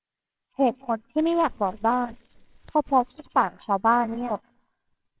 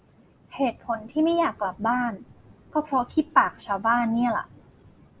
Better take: second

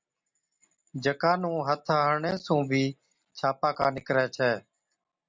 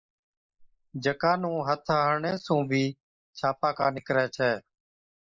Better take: first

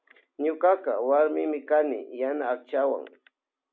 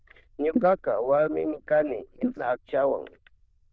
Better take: first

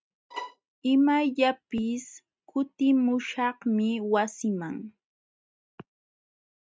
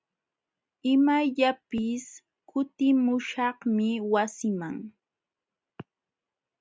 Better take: second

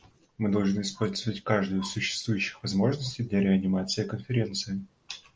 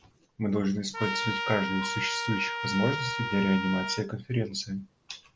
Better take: first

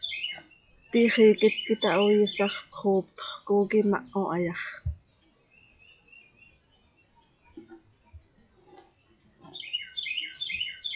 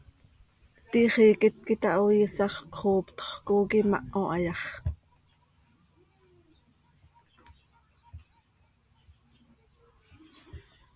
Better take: second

